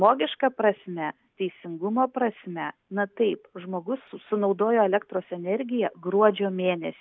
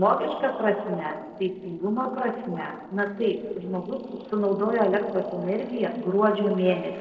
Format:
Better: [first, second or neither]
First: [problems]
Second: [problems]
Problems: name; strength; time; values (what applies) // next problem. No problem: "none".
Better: first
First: none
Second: noise reduction (neural separator model SepFormer DNS4)